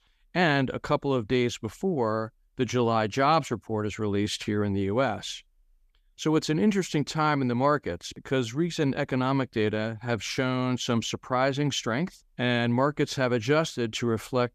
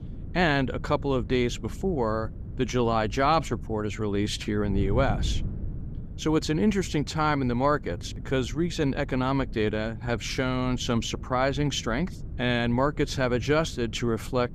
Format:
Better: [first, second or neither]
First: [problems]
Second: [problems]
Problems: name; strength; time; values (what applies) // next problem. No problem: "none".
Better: first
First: none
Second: wind noise on the microphone; occasional gusts; 20 dB below the speech